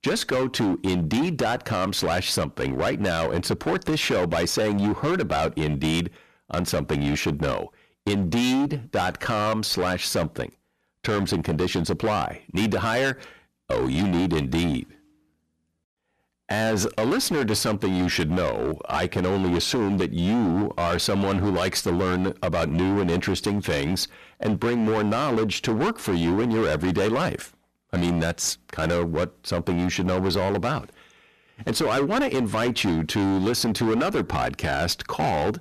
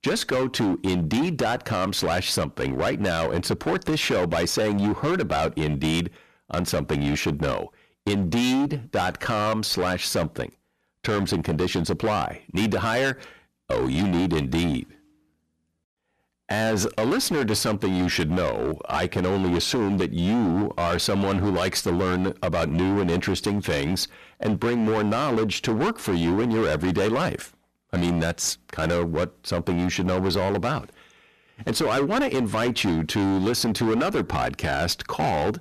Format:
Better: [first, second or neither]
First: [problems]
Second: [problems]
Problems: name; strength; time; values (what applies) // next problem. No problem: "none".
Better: neither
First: distortion; heavy; 22% of the sound clipped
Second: distortion; heavy; 22% of the sound clipped